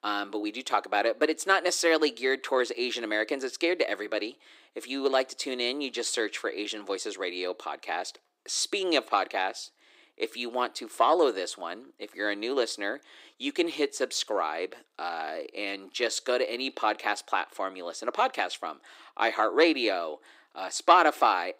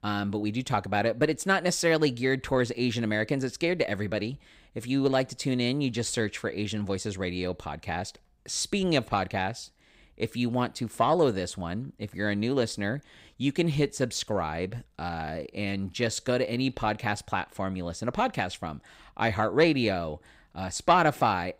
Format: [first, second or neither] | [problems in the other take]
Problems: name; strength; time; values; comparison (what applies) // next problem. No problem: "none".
second | thin; somewhat; fading below 300 Hz